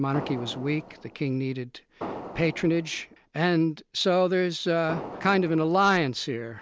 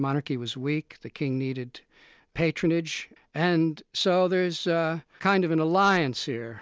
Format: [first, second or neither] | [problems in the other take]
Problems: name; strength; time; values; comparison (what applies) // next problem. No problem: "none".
second | background sound (Fireworks); 13 dB below the speech